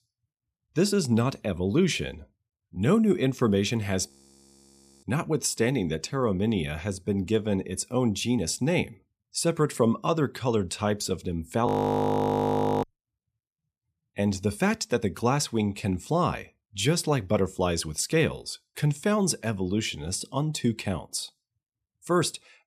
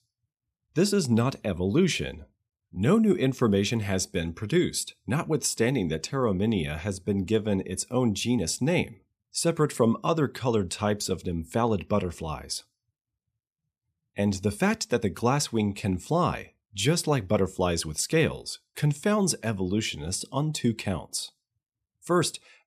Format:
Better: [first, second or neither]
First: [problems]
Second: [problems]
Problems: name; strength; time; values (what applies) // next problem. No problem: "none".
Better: second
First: audio freezing; at 4 s for 1 s and at 12 s for 1 s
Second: none